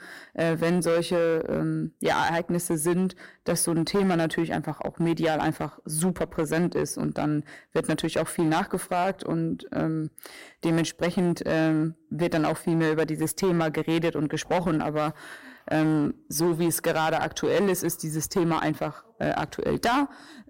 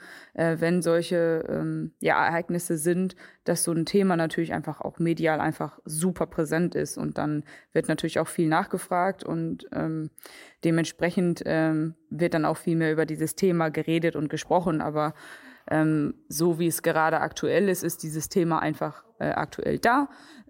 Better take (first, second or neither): second